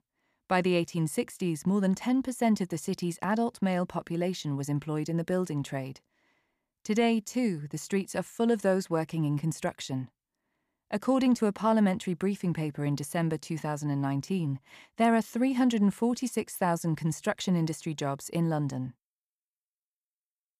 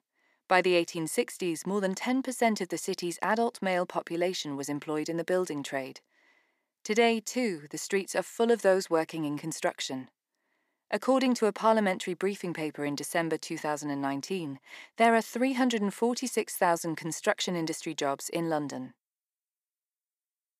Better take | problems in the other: first | thin; somewhat; fading below 350 Hz

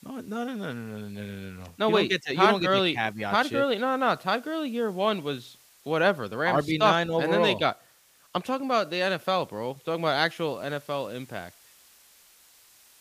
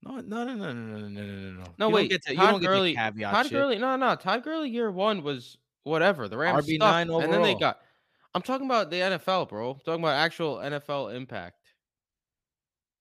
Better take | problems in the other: second | hiss; faint; throughout; 30 dB below the speech

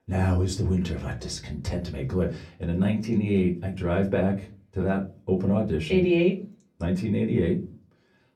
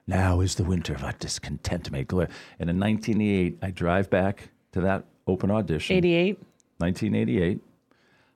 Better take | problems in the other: second | off-mic speech; far // room echo; very slight; dies away in 0.3 s

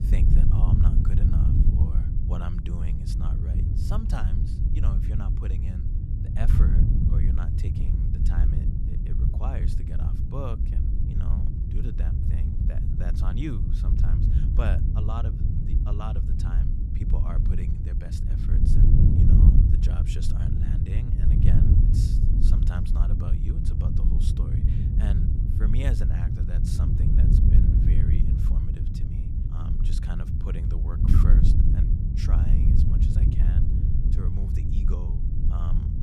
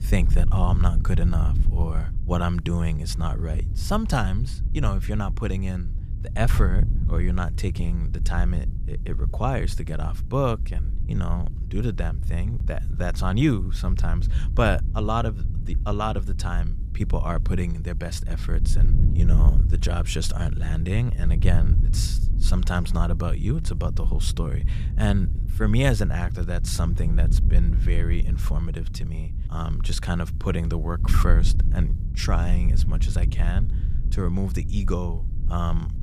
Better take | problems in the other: second | wind noise on the microphone; heavy; 4 dB above the speech; occasional gusts in the second

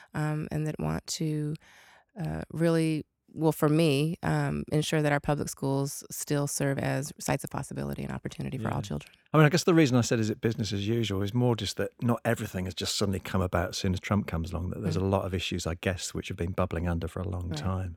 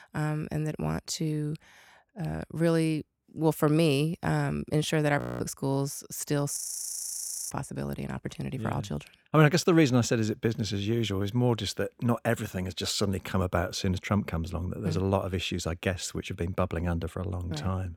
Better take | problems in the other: first | audio freezing; at 5 s and at 6.5 s for 1 s

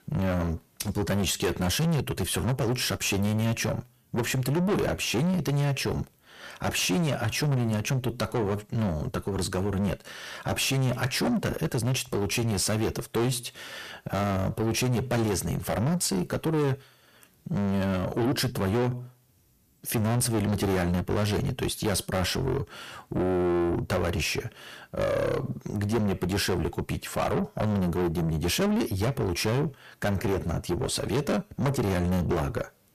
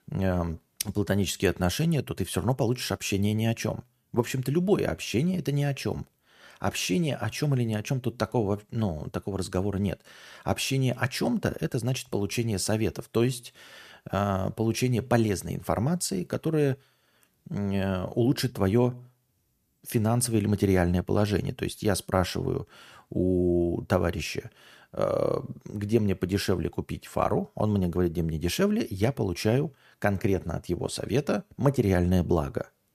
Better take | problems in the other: second | distortion; heavy; 5 dB below the speech

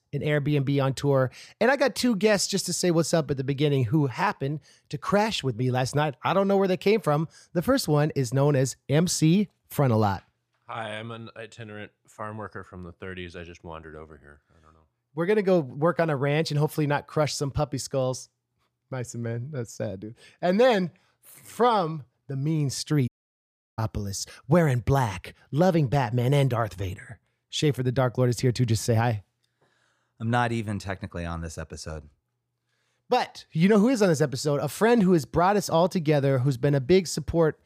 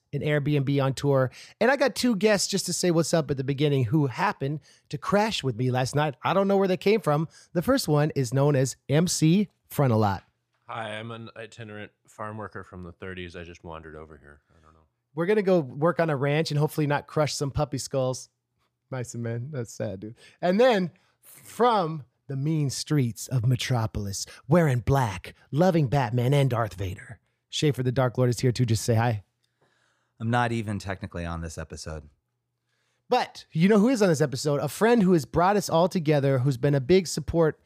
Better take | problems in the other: second | audio cutting out; at 23 s for 0.5 s

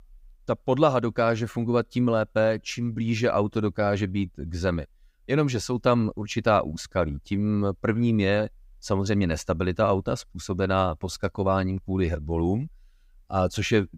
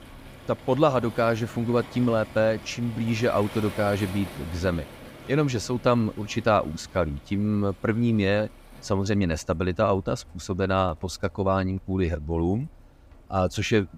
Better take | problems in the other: first | rain or running water; noticeable; throughout; 20 dB below the speech

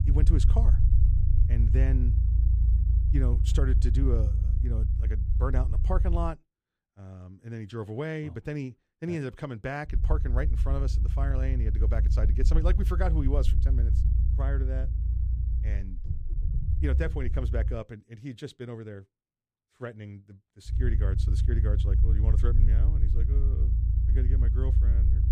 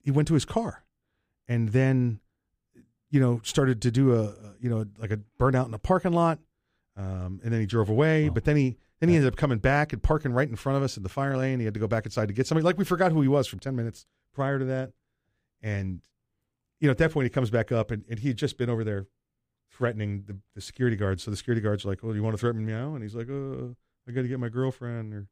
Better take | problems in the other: second | low rumble; loud; until 6.5 s, from 10 to 18 s and from 21 s on; 6 dB below the speech

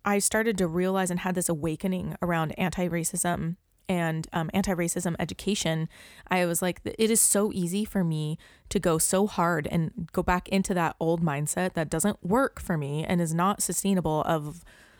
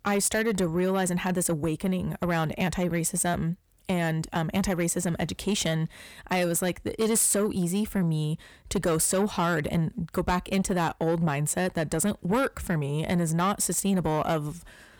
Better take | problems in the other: first | distortion; slight; 10 dB below the speech

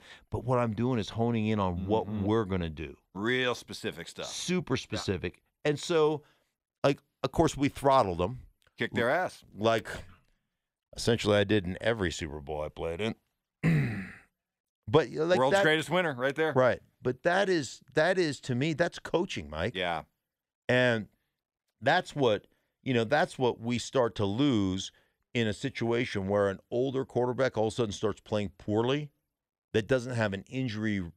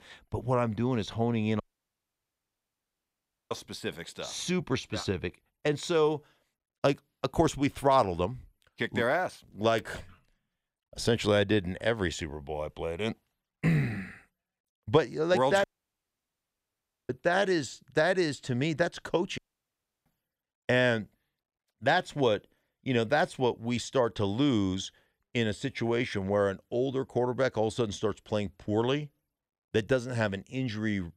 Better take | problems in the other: first | audio cutting out; at 1.5 s for 2 s, at 16 s for 1.5 s and at 19 s for 0.5 s

